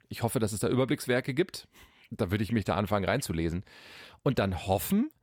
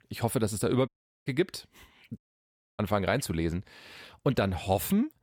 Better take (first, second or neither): first